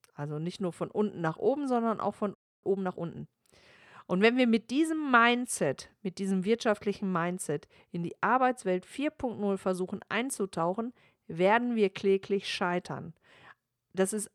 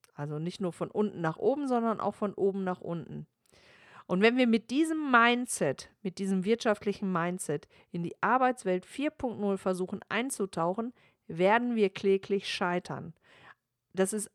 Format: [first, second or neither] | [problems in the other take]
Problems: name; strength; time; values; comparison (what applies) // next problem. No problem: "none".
second | audio freezing; at 2.5 s